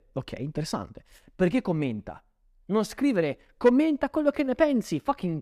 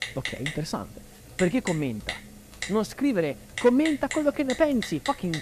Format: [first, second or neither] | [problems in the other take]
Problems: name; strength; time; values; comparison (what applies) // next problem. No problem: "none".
first | keyboard typing; noticeable; peak 6 dB below the speech